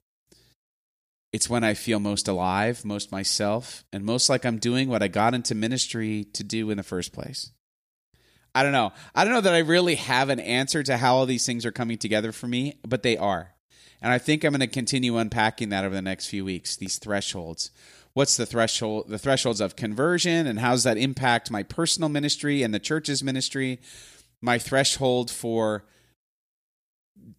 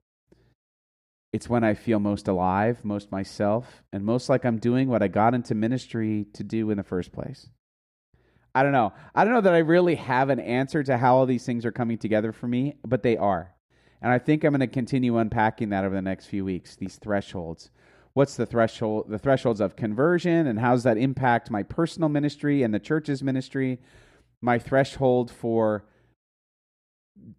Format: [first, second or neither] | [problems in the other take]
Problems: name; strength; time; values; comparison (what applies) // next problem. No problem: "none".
first | muffled; very; fading above 2.5 kHz